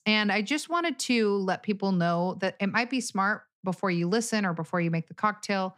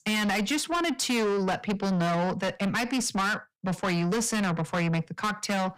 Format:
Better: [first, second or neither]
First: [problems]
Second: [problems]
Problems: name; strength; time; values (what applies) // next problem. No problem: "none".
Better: first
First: none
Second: distortion; heavy; 6 dB below the speech